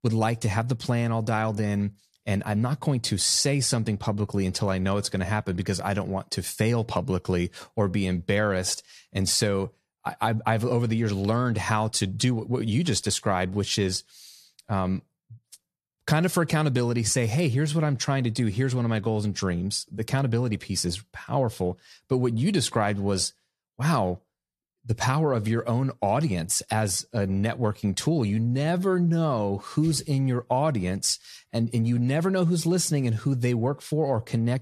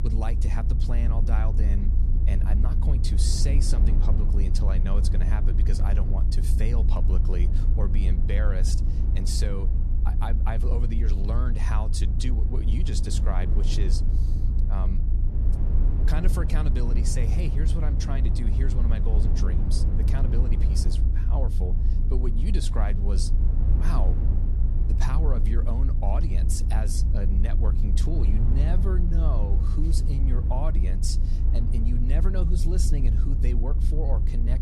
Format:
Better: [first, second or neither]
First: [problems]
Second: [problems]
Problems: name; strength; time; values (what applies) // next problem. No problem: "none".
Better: first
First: none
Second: low rumble; loud; throughout; 4 dB below the speech